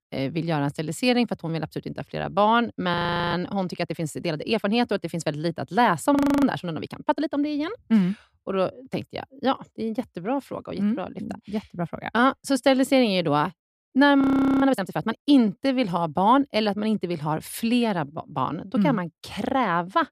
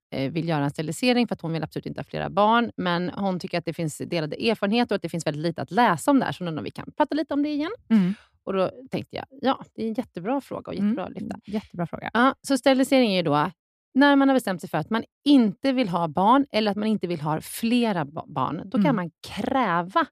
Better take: second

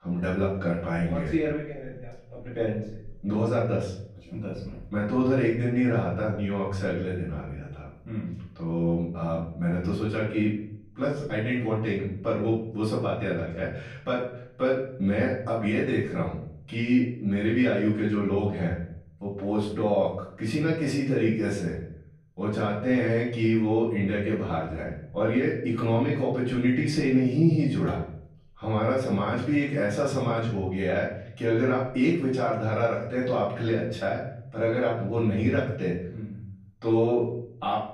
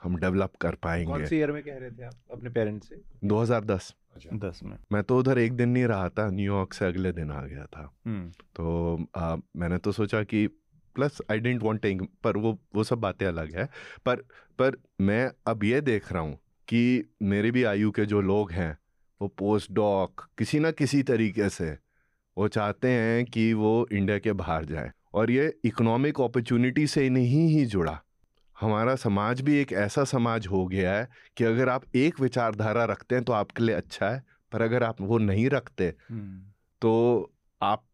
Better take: second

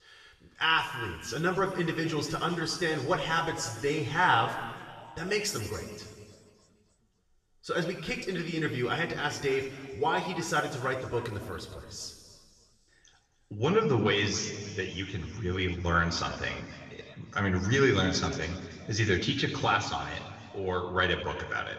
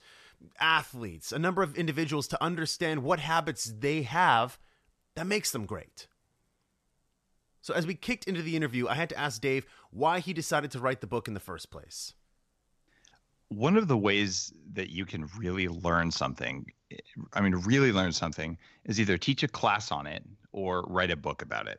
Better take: second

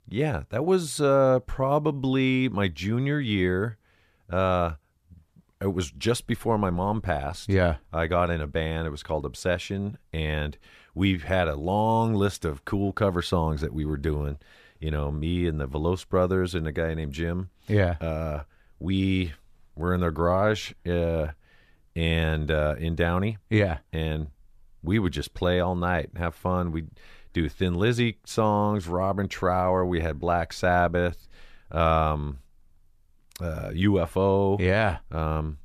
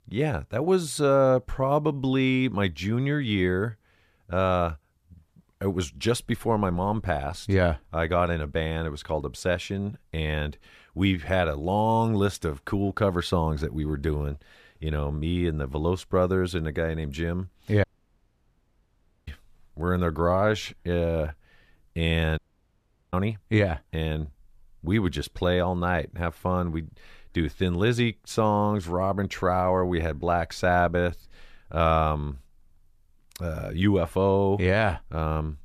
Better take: first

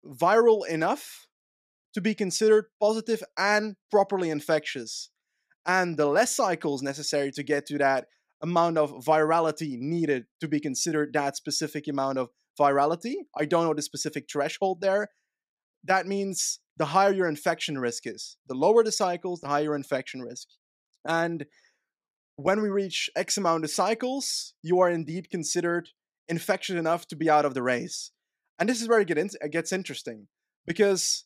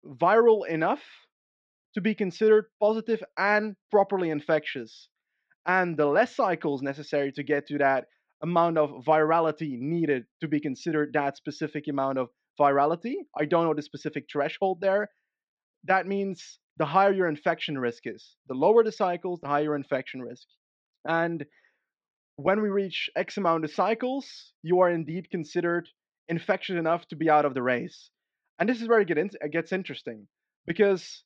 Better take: first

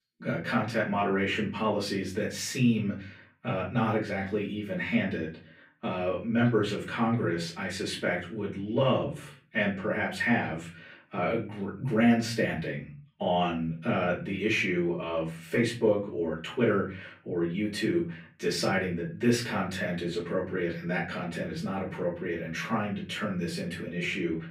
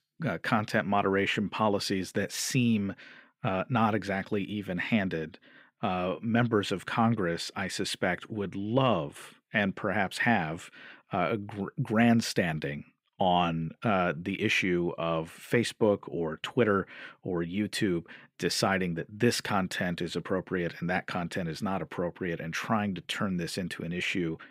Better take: second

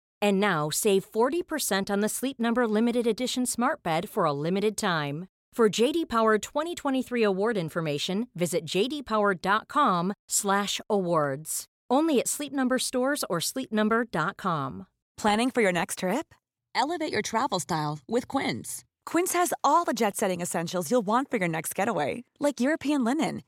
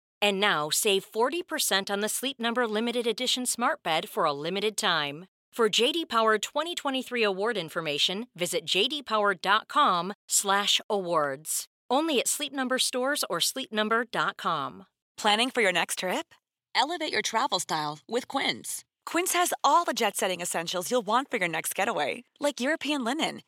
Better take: first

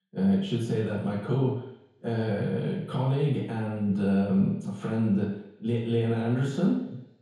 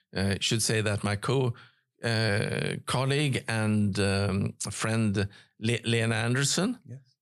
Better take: second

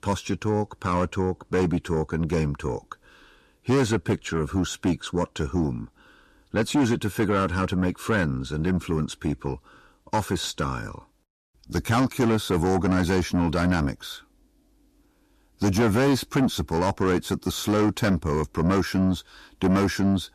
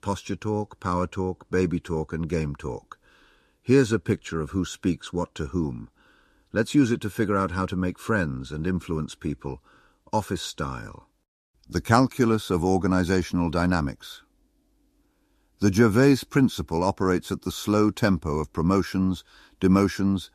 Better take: second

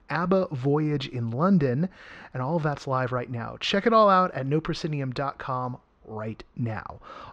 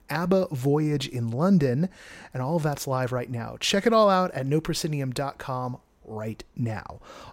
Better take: second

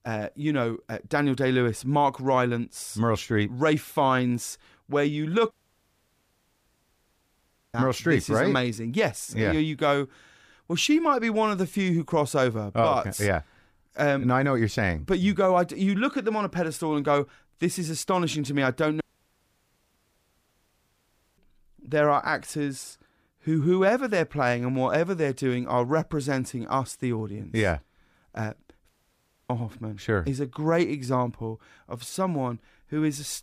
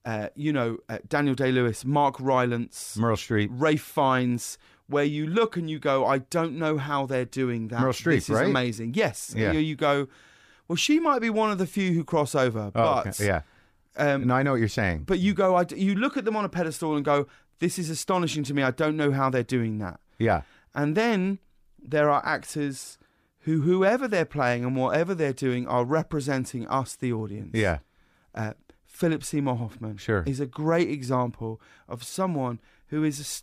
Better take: second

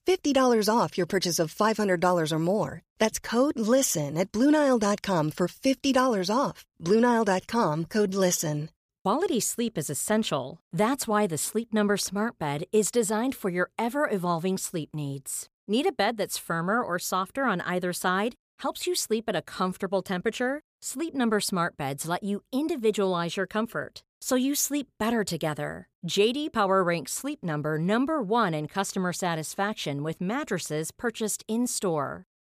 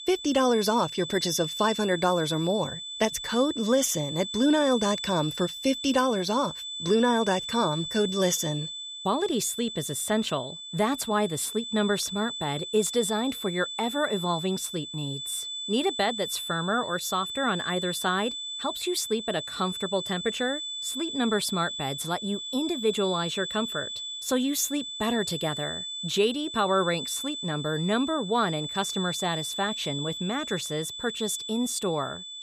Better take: first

